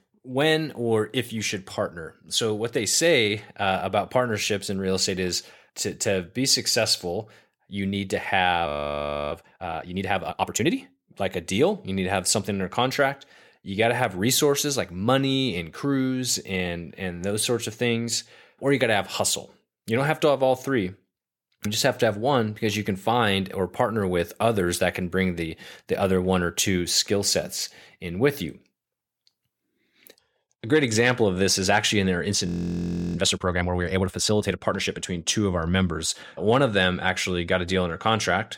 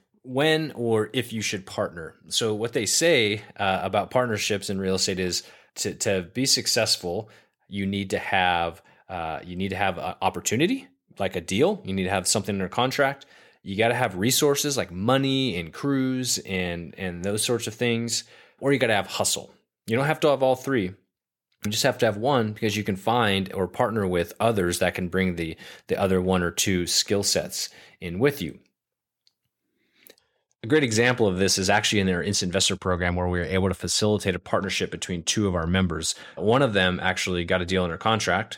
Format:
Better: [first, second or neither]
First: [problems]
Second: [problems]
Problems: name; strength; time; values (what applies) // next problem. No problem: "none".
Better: second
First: audio freezing; at 8.5 s for 0.5 s and at 32 s for 0.5 s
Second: none